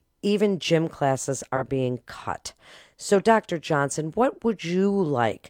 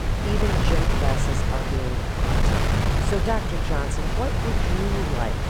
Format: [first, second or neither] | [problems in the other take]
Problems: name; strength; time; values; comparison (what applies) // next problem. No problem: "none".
first | wind noise on the microphone; heavy; 3 dB above the speech